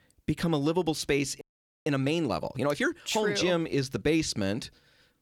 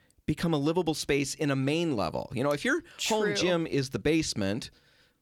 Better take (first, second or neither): second